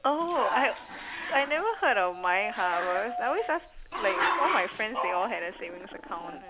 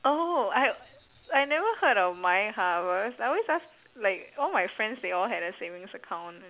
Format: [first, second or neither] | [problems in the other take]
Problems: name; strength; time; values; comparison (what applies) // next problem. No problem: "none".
second | background sound (Growling + Dog); 5 dB below the speech